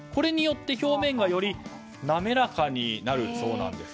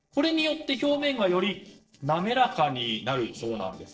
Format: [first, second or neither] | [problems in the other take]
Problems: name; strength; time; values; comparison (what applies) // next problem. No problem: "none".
first | noise reduction (neural separator model SepFormer DNS4)